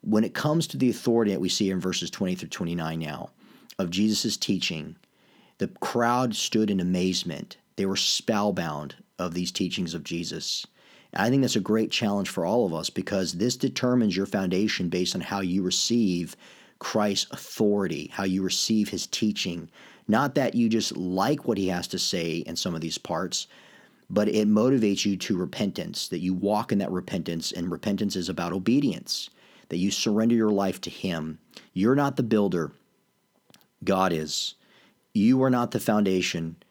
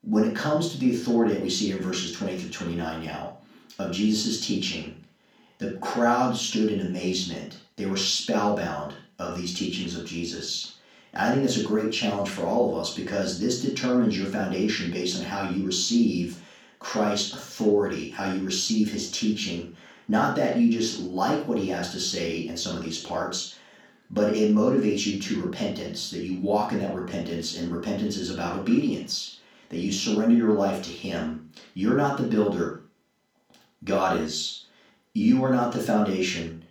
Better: first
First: none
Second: room echo; noticeable; dies away in 0.3 s // off-mic speech; far

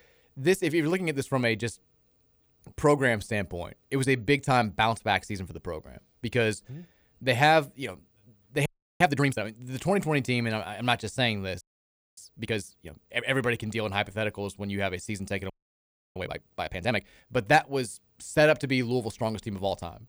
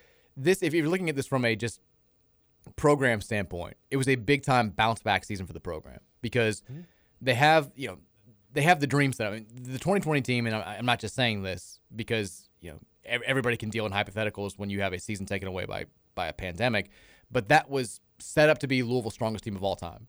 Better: second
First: audio freezing; at 8.5 s, at 12 s for 0.5 s and at 16 s for 0.5 s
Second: none

